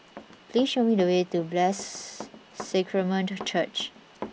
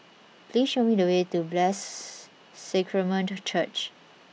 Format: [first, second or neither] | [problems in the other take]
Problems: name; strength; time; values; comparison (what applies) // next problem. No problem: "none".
second | background sound (Run); 17 dB below the speech